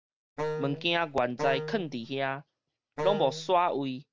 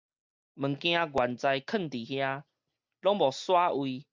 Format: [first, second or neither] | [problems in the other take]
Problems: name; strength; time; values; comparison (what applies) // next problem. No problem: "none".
second | background sound (Wind instrument, woodwind instrument); 6 dB below the speech